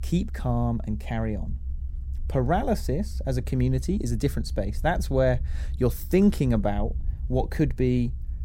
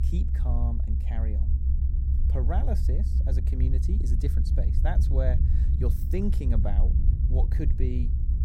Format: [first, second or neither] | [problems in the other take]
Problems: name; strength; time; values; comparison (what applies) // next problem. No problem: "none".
first | low rumble; loud; throughout; 4 dB below the speech; faint in the first